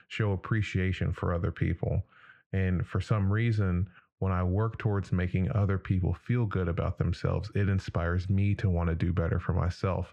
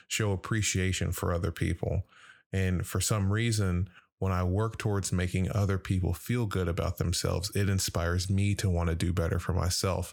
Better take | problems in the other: second | muffled; very; fading above 2 kHz

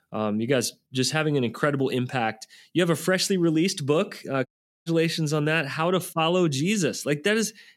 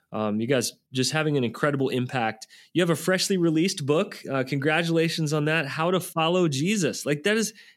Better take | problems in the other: second | audio cutting out; at 4.5 s

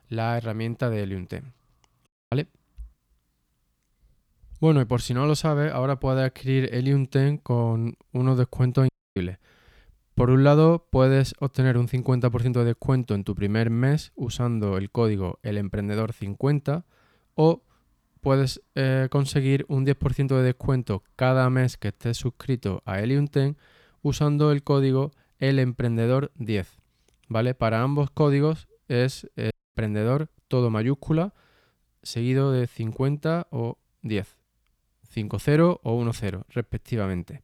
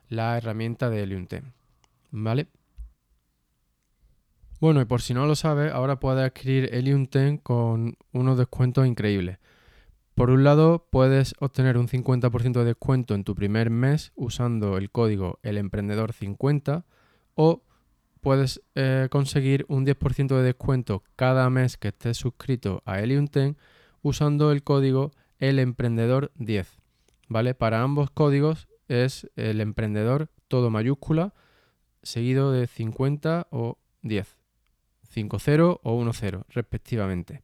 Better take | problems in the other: second | audio cutting out; at 2 s, at 9 s and at 30 s

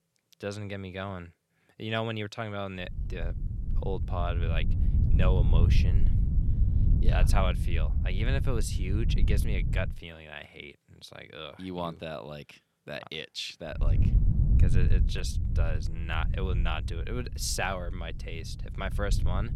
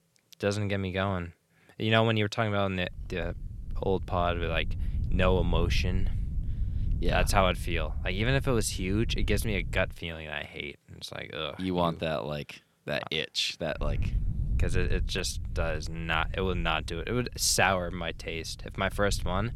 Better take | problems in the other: second | wind noise on the microphone; heavy; from 3 to 10 s and from 14 s on; 8 dB below the speech; occasional gusts in the second

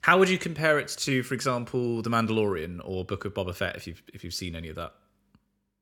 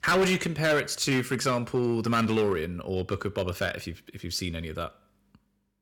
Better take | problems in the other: first | distortion; heavy; 6% of the sound clipped

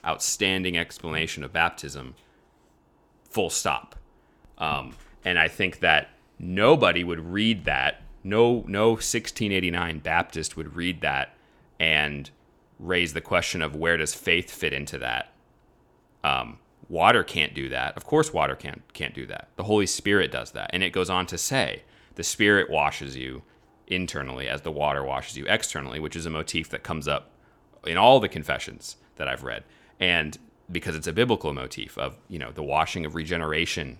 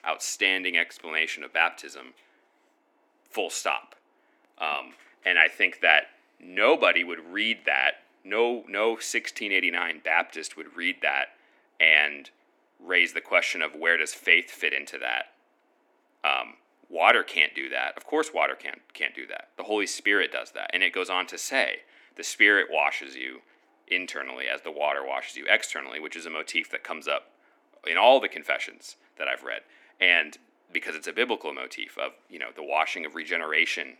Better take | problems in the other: first | thin; somewhat; fading below 250 Hz

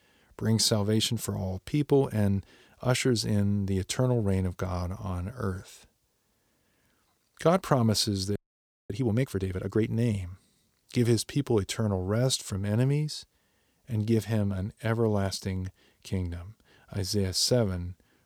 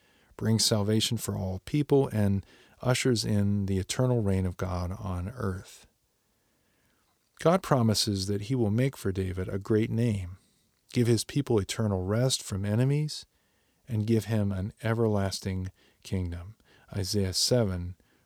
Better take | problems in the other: second | audio freezing; at 8.5 s for 0.5 s

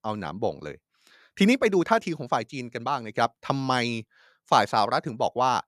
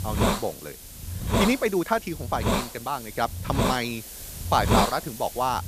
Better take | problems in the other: first | hiss; loud; throughout; 1 dB below the speech

